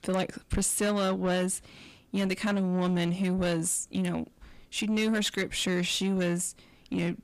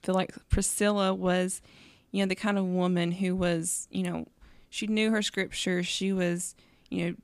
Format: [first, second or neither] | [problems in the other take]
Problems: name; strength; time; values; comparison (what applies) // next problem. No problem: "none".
second | distortion; slight; 10 dB below the speech